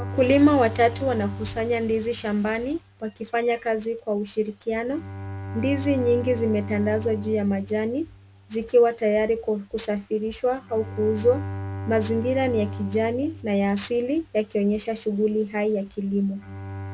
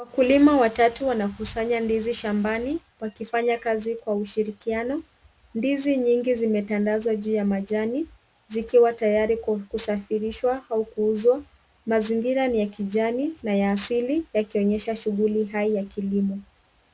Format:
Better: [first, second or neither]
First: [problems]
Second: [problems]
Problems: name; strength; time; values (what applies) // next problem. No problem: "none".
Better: second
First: background sound (Bowed string instrument); 12 dB below the speech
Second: none